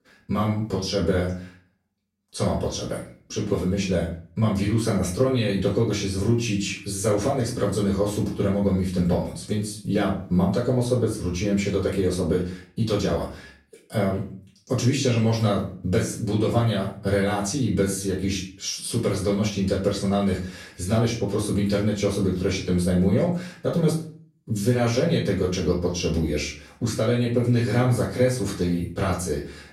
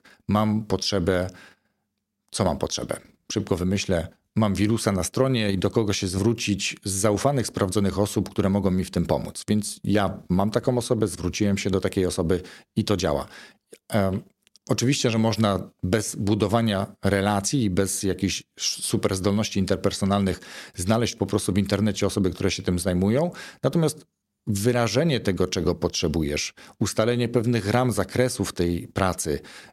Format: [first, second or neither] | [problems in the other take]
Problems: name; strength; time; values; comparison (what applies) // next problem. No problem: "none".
second | off-mic speech; far // room echo; slight; dies away in 0.4 s